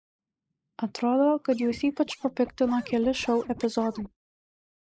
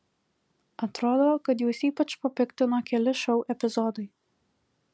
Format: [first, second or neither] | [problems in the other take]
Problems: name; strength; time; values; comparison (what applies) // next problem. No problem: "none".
second | noise reduction (neural mask model Resemble Enhance denoiser)